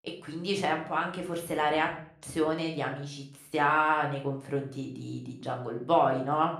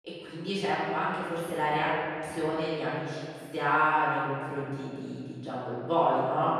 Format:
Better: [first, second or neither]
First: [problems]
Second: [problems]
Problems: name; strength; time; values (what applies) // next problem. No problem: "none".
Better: first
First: room echo; slight; dies away in 0.5 s // off-mic speech; somewhat distant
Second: room echo; strong; dies away in 2.4 s // off-mic speech; far